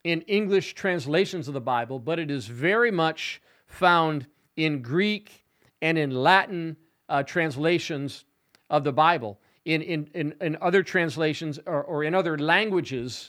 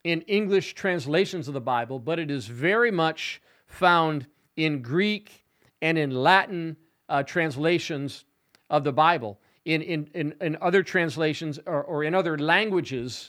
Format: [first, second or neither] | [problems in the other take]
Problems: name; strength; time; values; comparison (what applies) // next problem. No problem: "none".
neither | none